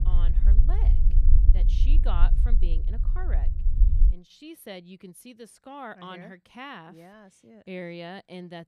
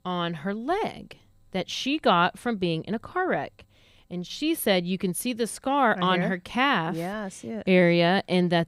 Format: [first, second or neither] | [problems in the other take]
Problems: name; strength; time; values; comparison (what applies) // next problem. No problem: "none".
second | low rumble; loud; until 4 s; 6 dB below the speech